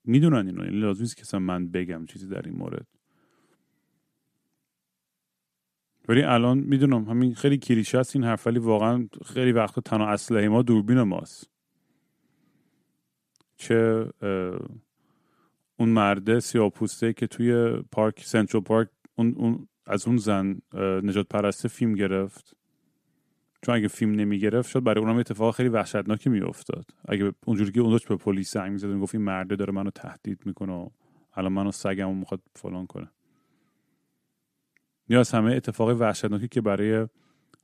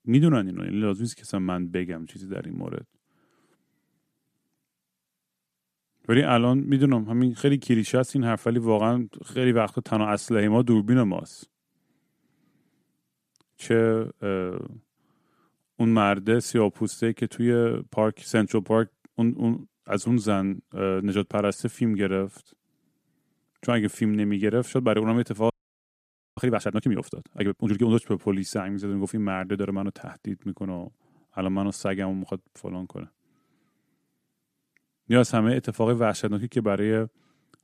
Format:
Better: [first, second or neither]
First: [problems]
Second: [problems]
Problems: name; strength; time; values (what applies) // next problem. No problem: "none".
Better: first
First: none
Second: audio freezing; at 26 s for 1 s